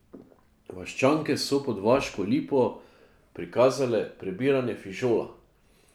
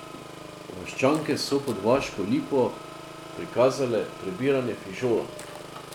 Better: first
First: none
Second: background sound (Engine); 13 dB below the speech

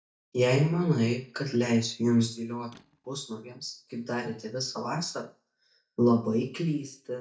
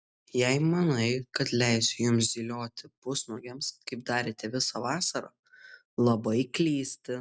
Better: second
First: noise reduction (neural mask model DeepFilterNet 3)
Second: none

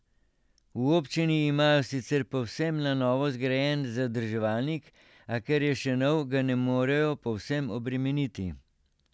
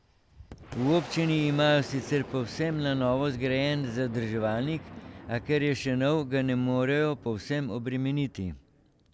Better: first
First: none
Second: background sound (Boom); 16 dB below the speech

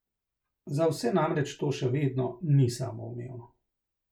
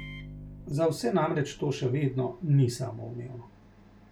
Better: first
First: none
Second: background sound (Microwave oven); 18 dB below the speech

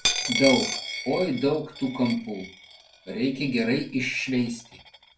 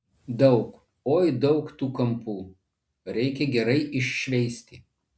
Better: second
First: background sound (Coin (dropping)); 6 dB below the speech // room echo; dies away in 0.2 s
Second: none

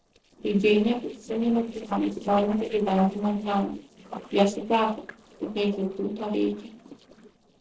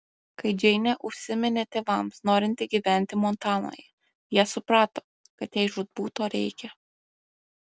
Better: second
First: noise reduction (neural separator model SepFormer DNS4)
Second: none

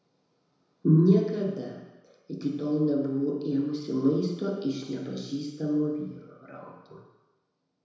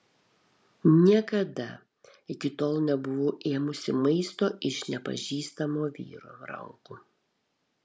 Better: second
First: room echo; dies away in 1 s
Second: none

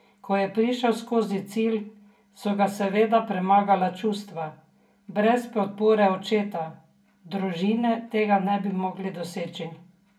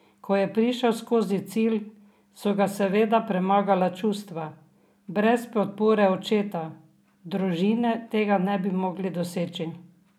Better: second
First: room echo; dies away in 0.2 s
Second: none

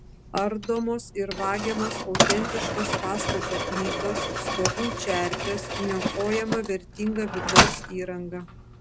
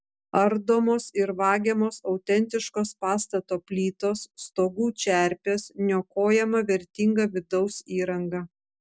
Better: second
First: background sound (Mechanisms); 2 dB above the speech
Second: none

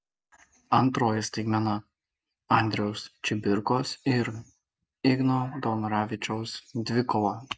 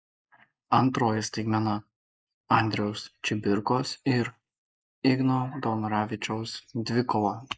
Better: first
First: none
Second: noise reduction (neural mask model Resemble Enhance denoiser)

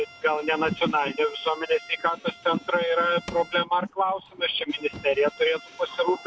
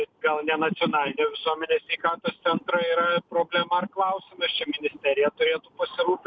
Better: second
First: background sound (Drawer open or close / Wood + Bowed string instrument); 20 dB below the speech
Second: none

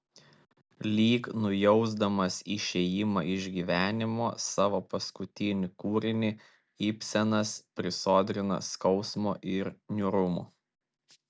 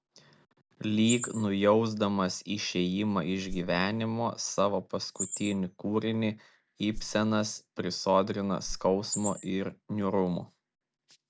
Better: first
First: none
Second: background sound (Whoosh, swoosh, swish + Chirp, tweet); 11 dB below the speech

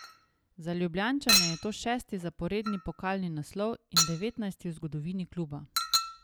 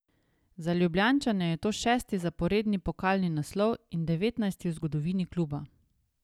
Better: second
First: background sound (Chink, clink); as loud as the speech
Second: none

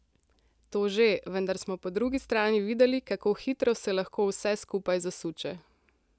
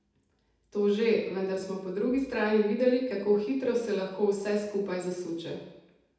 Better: first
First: none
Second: room echo; dies away in 0.8 s

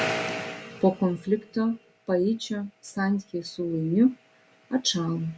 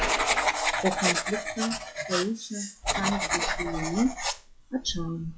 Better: first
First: none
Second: noise reduction (classical method log-MMSE)

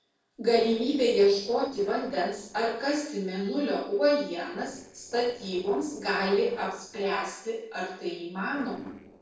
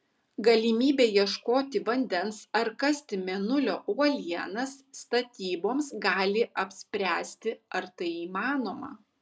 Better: second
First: noise reduction (neural separator model SepFormer DNS4)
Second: none

